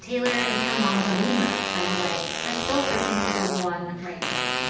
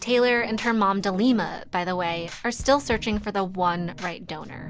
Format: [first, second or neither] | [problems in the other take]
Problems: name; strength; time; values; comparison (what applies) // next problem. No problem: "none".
second | background sound (Fart); as loud as the speech // room echo; dies away in 0.9 s